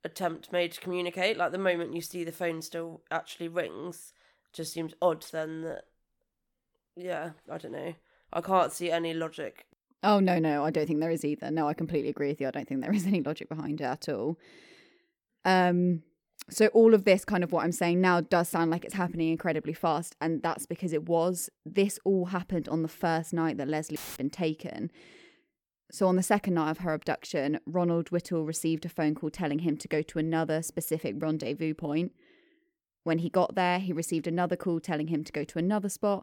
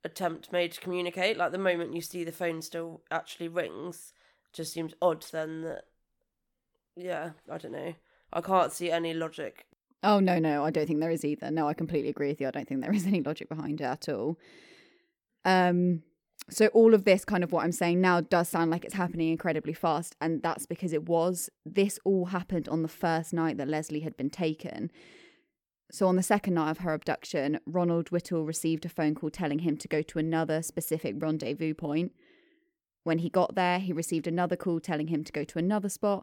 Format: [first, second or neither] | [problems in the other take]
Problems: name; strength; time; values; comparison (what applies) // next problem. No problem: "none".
second | audio cutting out; filled with static; at 24 s